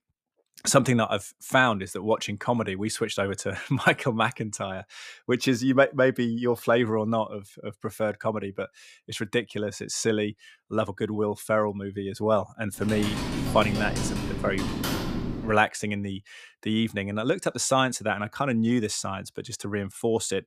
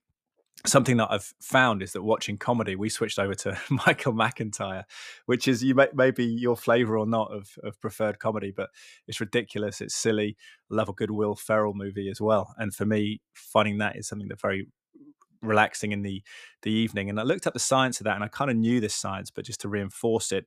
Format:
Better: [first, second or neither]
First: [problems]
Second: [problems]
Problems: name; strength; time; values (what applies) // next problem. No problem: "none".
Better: second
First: keyboard typing; noticeable; from 13 to 16 s; peak 2 dB below the speech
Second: none